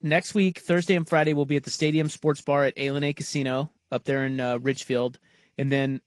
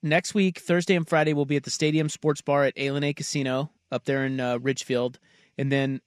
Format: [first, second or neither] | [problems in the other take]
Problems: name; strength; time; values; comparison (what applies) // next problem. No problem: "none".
second | garbled, watery; slightly